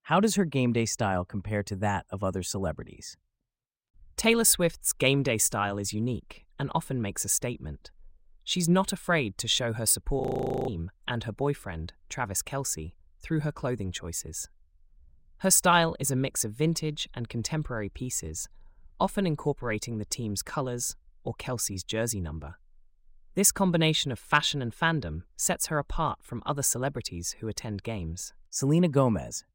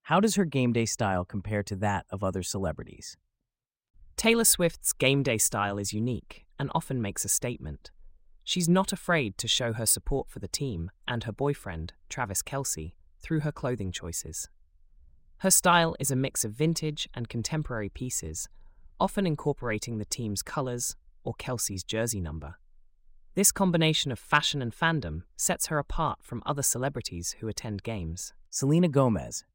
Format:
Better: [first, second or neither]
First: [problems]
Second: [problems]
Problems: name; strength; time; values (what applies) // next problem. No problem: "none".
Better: second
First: audio freezing; at 10 s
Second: none